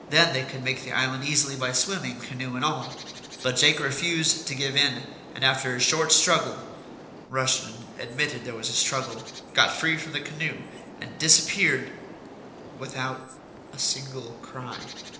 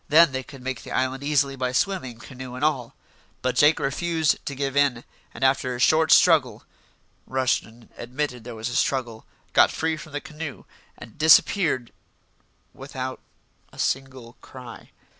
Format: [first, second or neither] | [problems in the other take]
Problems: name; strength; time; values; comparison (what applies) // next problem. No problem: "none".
second | background sound (Bird); 16 dB below the speech // room echo; dies away in 1 s